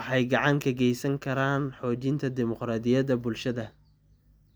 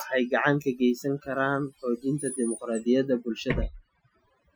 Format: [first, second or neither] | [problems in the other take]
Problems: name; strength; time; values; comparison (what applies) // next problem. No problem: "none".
first | noise reduction (classical method Wiener filter)